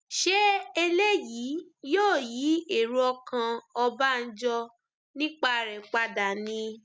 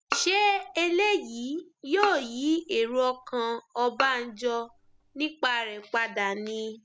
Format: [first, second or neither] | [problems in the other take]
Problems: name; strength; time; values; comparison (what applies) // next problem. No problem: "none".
first | background sound (Bowed string instrument); 11 dB below the speech